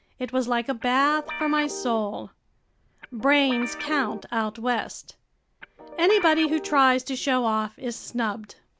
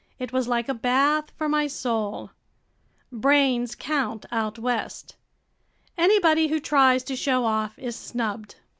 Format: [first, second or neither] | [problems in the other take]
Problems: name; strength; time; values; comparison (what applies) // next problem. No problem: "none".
second | background sound (Guitar); 10 dB below the speech